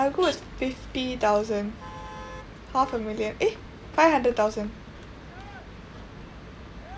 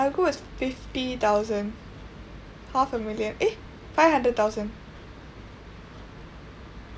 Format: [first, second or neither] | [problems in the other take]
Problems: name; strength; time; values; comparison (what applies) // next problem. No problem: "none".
second | background sound (Motor vehicle (road)); 18 dB below the speech